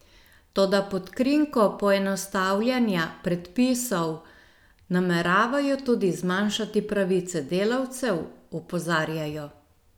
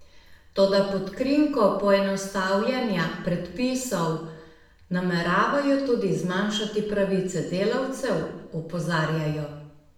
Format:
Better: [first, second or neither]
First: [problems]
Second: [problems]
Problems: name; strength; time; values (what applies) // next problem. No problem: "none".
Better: first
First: none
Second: room echo; dies away in 0.7 s